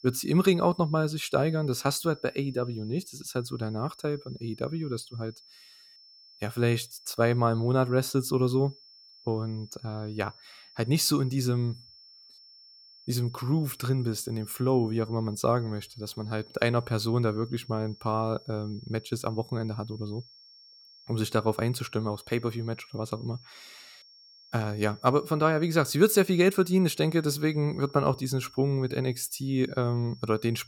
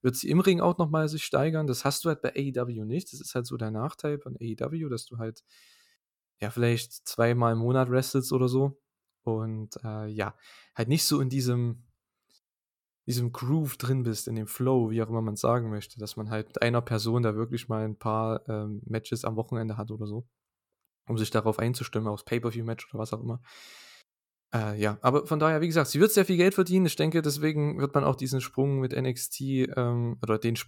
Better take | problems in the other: second | high-pitched whine; faint; throughout; 5.5 kHz, 25 dB below the speech

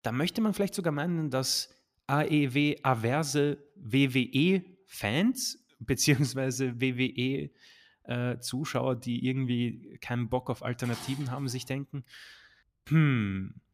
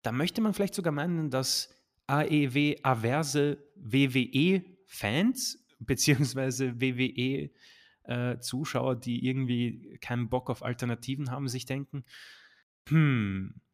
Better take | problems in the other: second | clattering dishes; faint; at 11 s; peak 15 dB below the speech

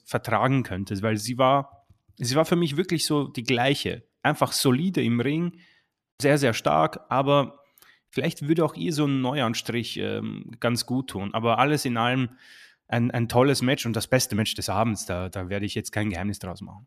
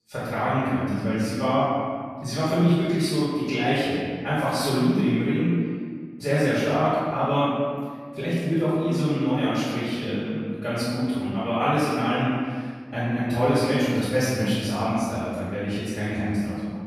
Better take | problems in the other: first | off-mic speech; far // room echo; strong; dies away in 1.8 s

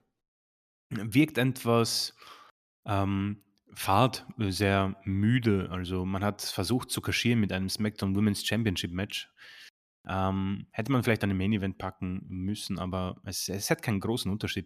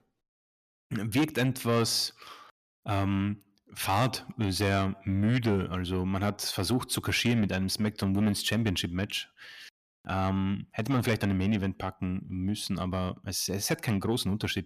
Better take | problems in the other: first | distortion; slight; 10 dB below the speech

